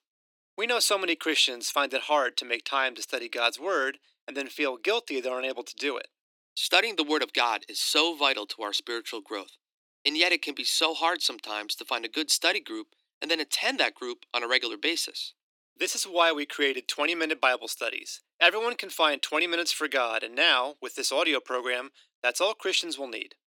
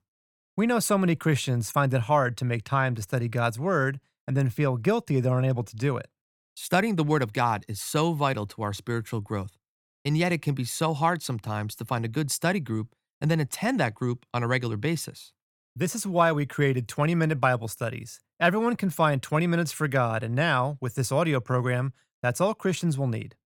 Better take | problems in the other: second | thin; very; fading below 300 Hz

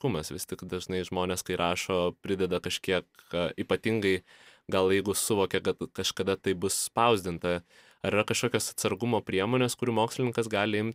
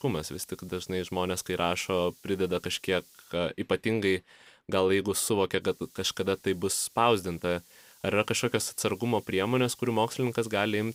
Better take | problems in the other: first | hiss; faint; until 3.5 s and from 5.5 s on; 25 dB below the speech

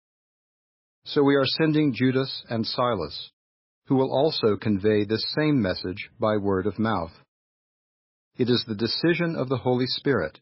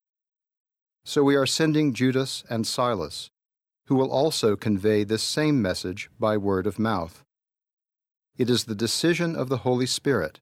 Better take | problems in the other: second | garbled, watery; badly; nothing above 5 kHz

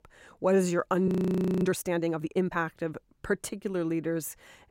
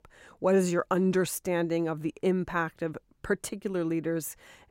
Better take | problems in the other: second | audio freezing; at 1 s for 0.5 s

